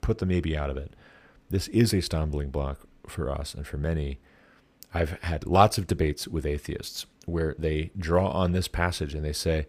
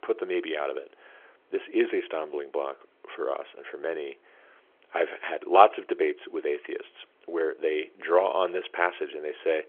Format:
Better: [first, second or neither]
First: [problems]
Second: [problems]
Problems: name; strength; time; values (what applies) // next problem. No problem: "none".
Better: first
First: none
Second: phone-call audio; nothing above 3.5 kHz